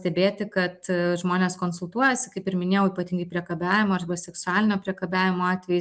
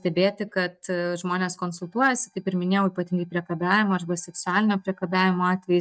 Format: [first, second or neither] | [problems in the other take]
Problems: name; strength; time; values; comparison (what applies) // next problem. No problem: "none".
first | noise reduction (neural mask model DeepFilterNet 3)